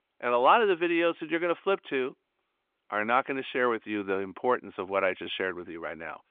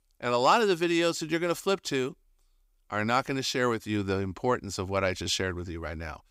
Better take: second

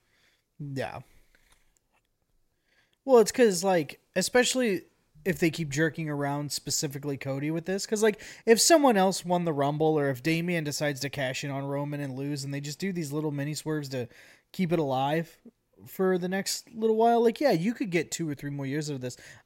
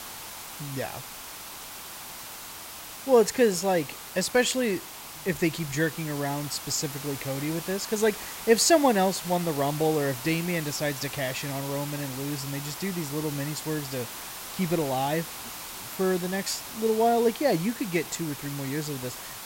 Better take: first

